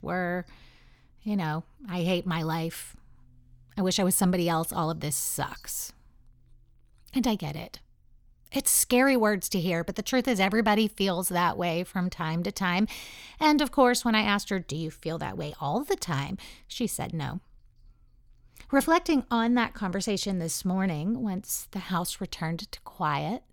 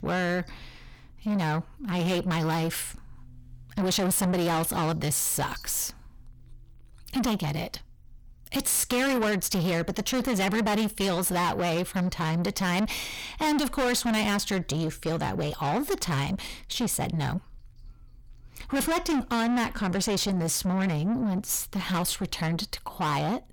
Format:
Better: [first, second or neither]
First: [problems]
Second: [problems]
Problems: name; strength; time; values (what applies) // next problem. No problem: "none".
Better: first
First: none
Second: distortion; heavy; 6 dB below the speech